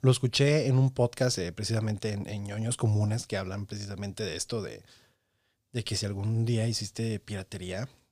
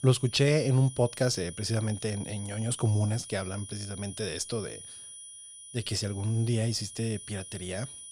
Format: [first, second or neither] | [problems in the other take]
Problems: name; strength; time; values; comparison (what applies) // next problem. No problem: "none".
first | high-pitched whine; noticeable; throughout; 9.5 kHz, 15 dB below the speech